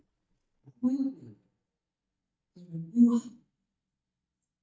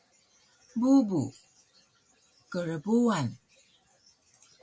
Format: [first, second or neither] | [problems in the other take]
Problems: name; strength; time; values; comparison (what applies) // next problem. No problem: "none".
second | noise reduction (neural mask model DeepFilterNet 3)